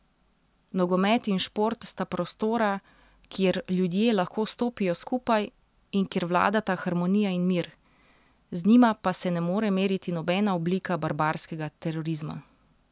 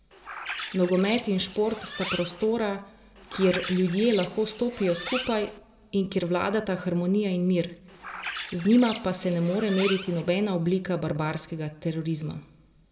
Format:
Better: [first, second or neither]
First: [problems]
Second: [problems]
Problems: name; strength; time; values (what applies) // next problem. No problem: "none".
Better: first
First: none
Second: background sound (Bird); 11 dB below the speech // room echo; dies away in 0.7 s